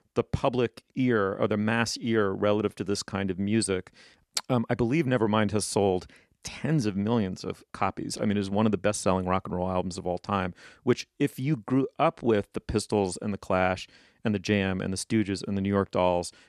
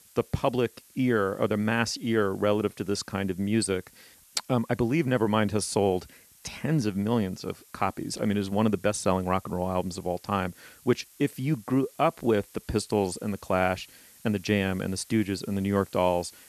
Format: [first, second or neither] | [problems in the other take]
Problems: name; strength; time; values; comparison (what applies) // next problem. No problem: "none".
first | hiss; faint; throughout; 25 dB below the speech